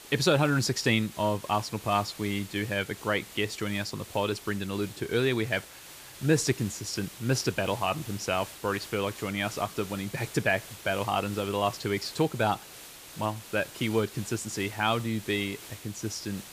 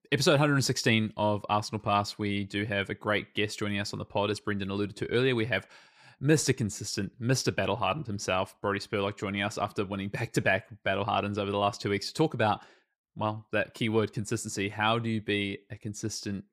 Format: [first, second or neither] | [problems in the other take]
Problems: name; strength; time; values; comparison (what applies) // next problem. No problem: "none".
second | hiss; noticeable; throughout; 15 dB below the speech